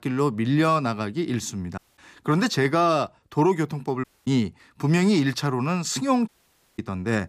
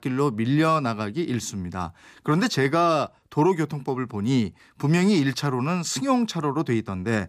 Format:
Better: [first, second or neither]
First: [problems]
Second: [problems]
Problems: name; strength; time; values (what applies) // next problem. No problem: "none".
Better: second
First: audio cutting out; at 2 s, at 4 s and at 6.5 s for 0.5 s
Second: none